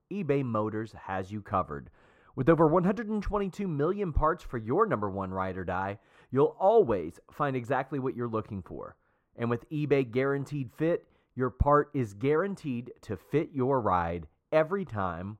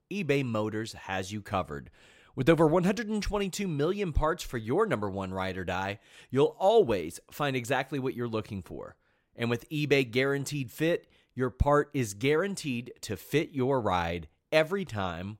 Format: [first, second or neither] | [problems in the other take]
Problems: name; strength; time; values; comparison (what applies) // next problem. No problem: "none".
second | muffled; very; fading above 2 kHz